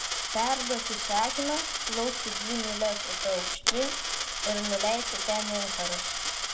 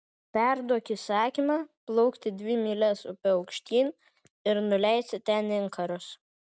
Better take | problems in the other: second | background sound (Coin (dropping)); 1 dB above the speech // room echo; dies away in 0.4 s

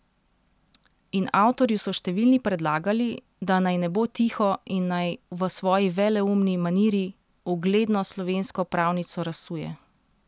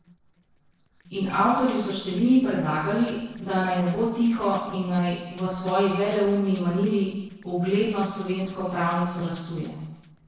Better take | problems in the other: first | noise reduction (neural separator model SepFormer DNS4)

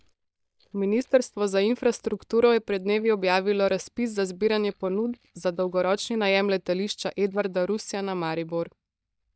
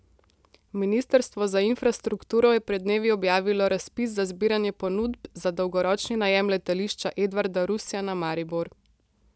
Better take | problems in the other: second | noise reduction (neural mask model DeepFilterNet 3)

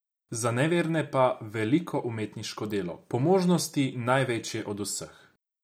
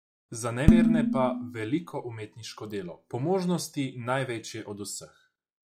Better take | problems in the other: first | noise reduction (classical method log-MMSE)

